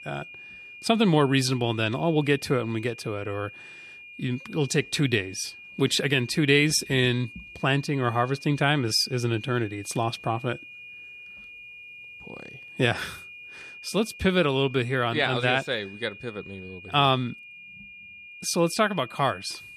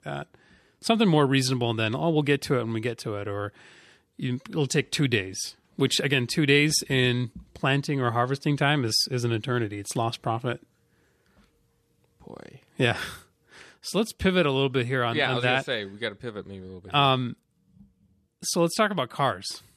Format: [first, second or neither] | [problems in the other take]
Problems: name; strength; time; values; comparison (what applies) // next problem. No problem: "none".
second | high-pitched whine; noticeable; throughout; 2.5 kHz, 15 dB below the speech